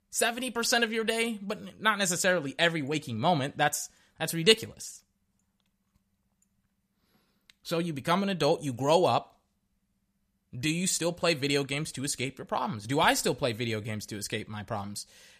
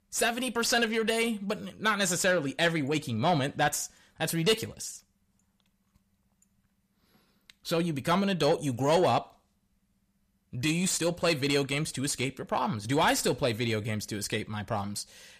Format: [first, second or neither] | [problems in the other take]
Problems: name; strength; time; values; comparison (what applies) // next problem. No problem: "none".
first | distortion; slight; 10 dB below the speech